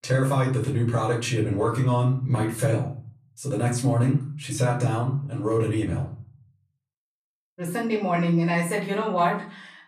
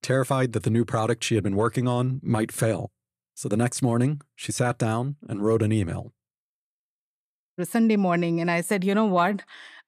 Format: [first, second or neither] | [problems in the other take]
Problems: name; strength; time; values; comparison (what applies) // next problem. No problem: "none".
second | room echo; slight; dies away in 0.4 s // off-mic speech; far